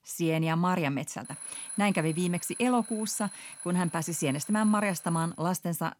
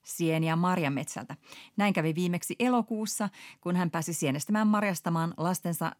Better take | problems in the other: second | alarm; noticeable; from 1 to 5.5 s; peak 8 dB below the speech

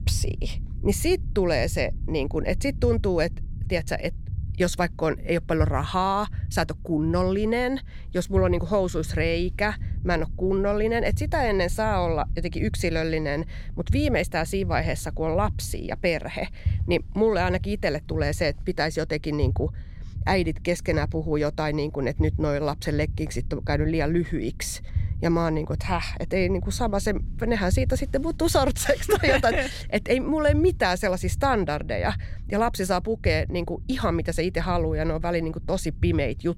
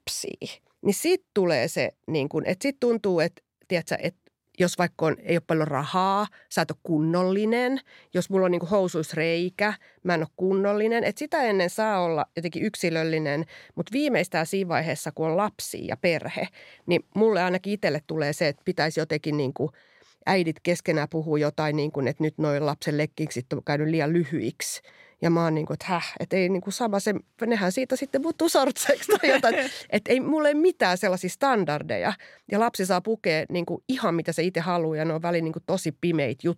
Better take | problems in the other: second | low rumble; faint; throughout; 20 dB below the speech

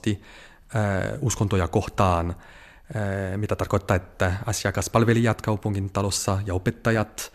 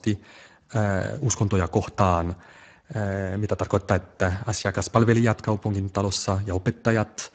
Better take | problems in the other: first | garbled, watery; badly; nothing above 7.5 kHz

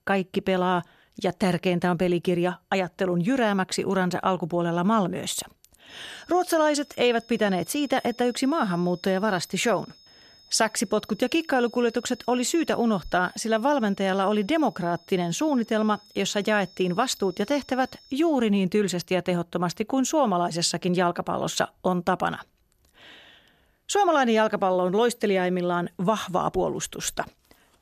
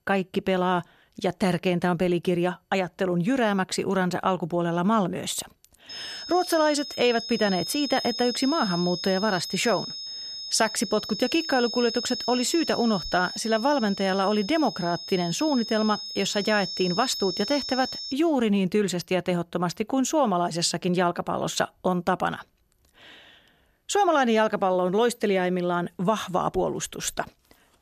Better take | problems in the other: first | high-pitched whine; loud; from 6 to 18 s; 5 kHz, 7 dB below the speech; faint in the first

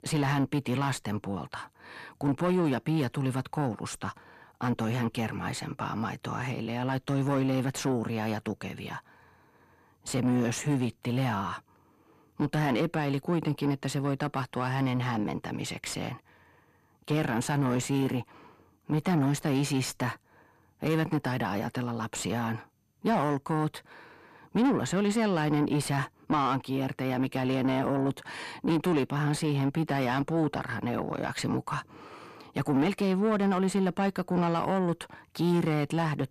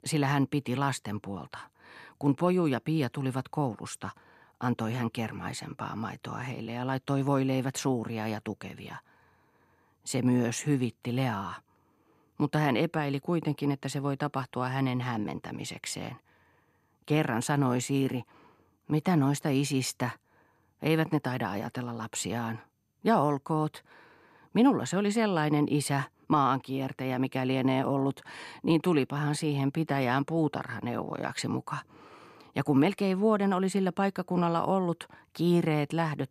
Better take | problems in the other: second | distortion; slight; 10 dB below the speech

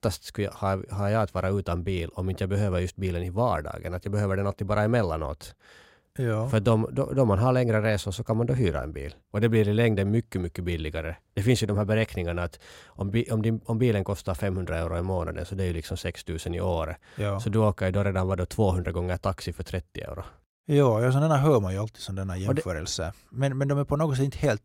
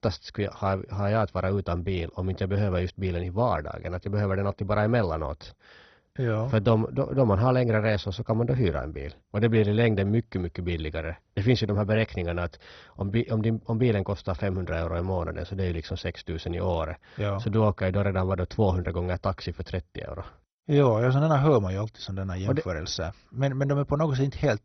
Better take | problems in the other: first | garbled, watery; badly; nothing above 6 kHz

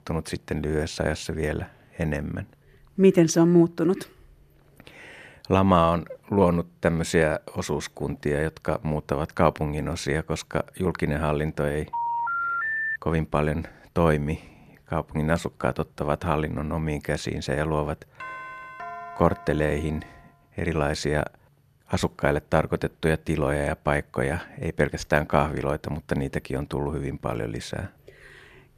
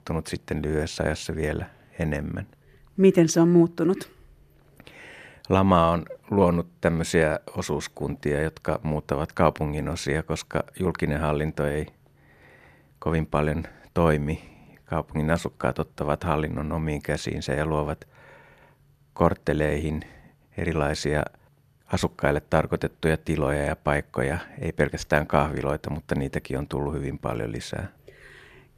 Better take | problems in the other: second | phone ringing; loud; from 12 to 13 s; peak level with the speech // doorbell; faint; from 18 to 20 s; peak 10 dB below the speech

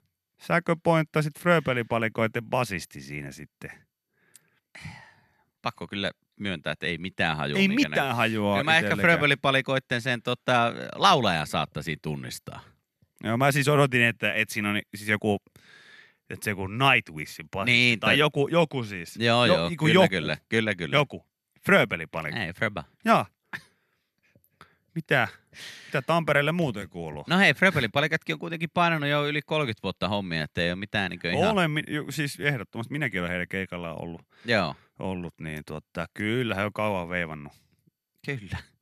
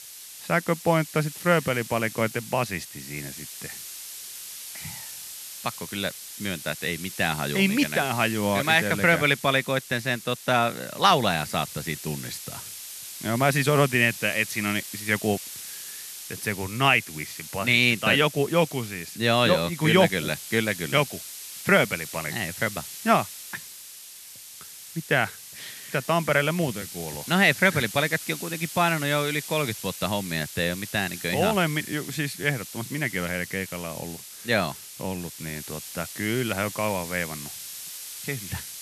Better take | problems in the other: first | hiss; noticeable; throughout; 10 dB below the speech

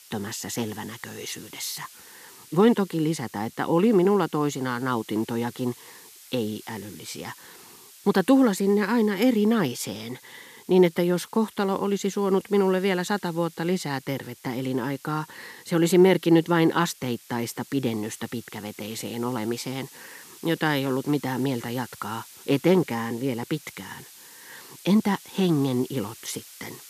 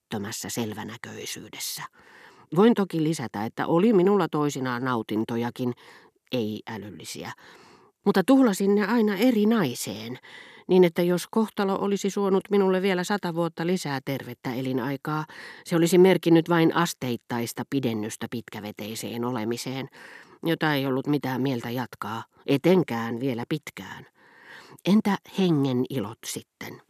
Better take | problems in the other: second | hiss; faint; throughout; 20 dB below the speech

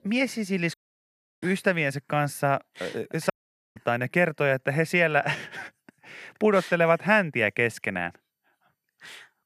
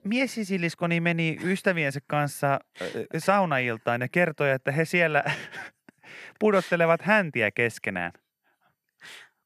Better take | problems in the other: second | audio cutting out; at 0.5 s for 0.5 s and at 3.5 s

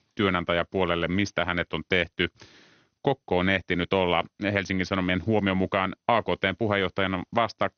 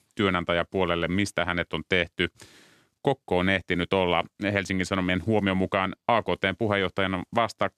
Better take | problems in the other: second | garbled, watery; slightly; nothing above 6.5 kHz

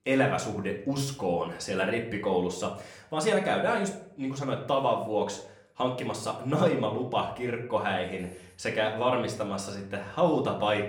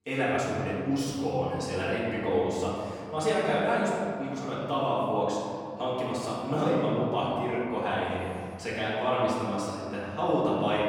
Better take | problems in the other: first | room echo; strong; dies away in 2.4 s; slight in the first // off-mic speech; far; somewhat distant in the first

